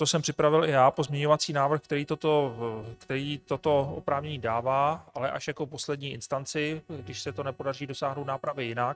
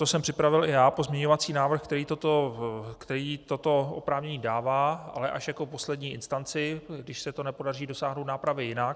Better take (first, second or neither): second